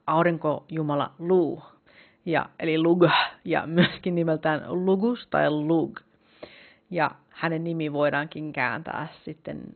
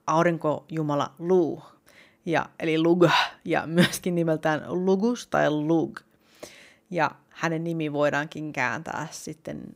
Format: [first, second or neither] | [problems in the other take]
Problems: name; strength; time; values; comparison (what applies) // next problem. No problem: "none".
second | garbled, watery; badly; nothing above 4 kHz